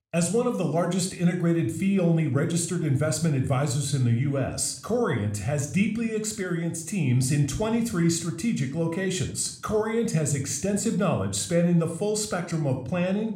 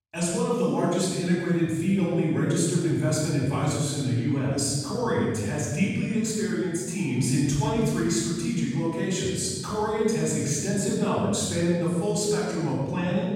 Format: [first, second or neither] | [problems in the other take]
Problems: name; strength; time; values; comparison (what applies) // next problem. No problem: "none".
first | room echo; strong; dies away in 1.7 s; slight in the first // off-mic speech; far